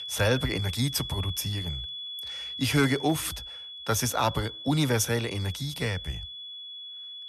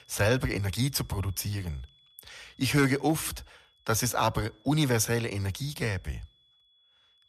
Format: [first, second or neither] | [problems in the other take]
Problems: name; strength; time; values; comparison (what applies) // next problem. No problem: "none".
second | high-pitched whine; loud; throughout; 3.5 kHz, 8 dB below the speech; faint in the second